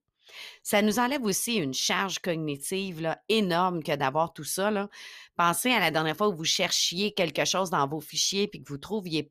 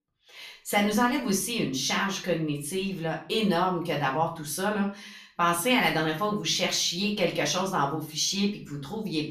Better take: first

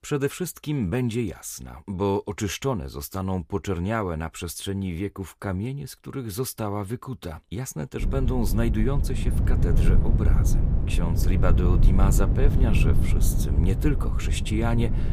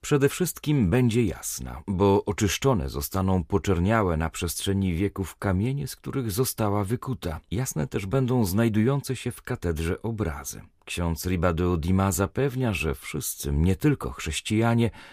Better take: second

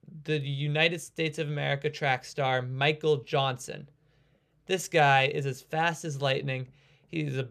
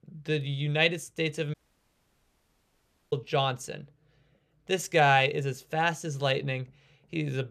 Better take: first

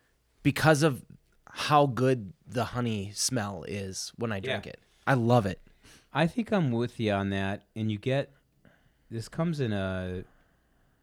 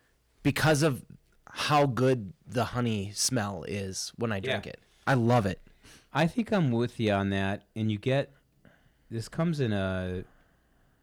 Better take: first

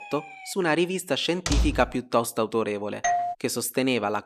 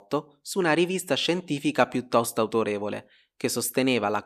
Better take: second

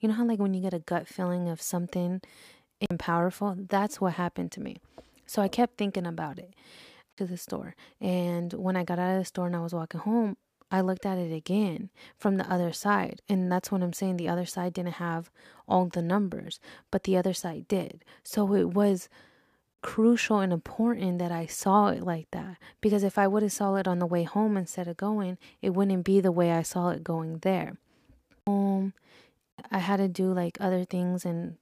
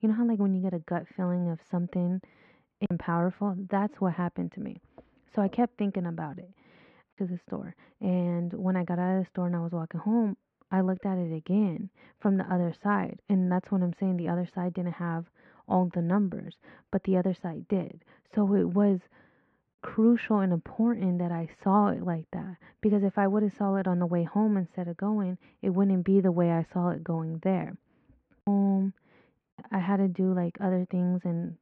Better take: first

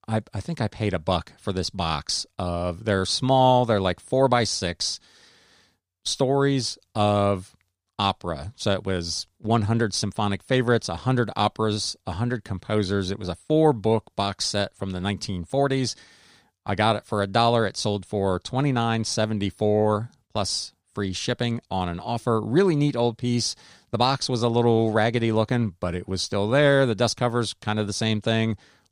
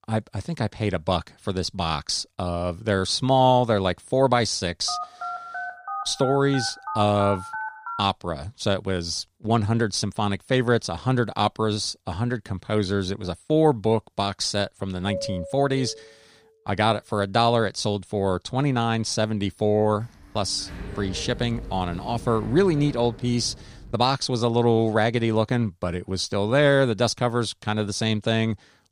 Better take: first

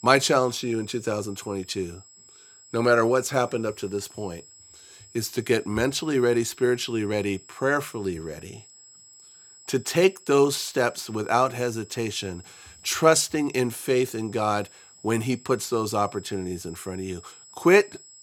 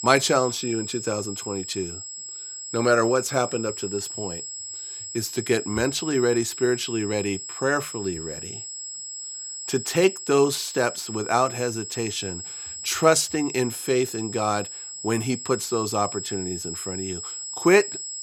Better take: first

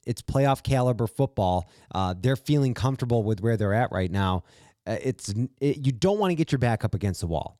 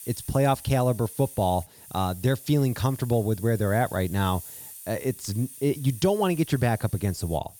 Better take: first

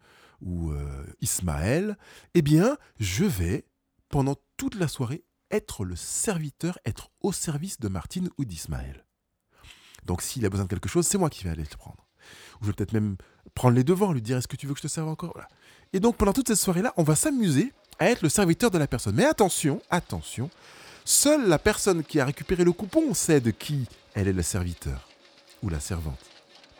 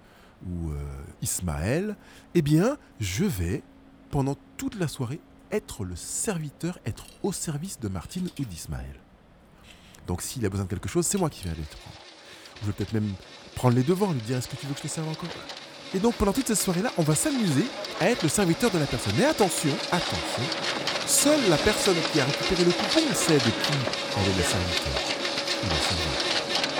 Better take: first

